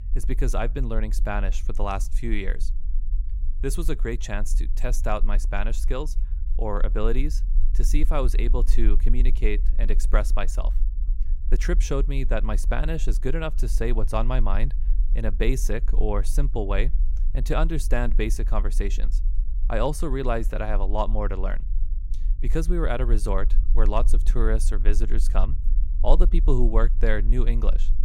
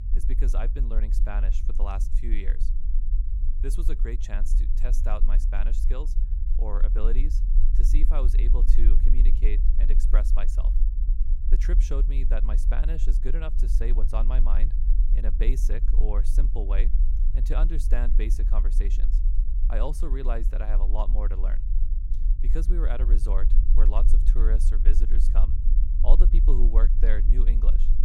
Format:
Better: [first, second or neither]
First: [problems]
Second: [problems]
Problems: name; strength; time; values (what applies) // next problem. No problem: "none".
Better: first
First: low rumble; faint; throughout; 20 dB below the speech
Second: low rumble; loud; throughout; 9 dB below the speech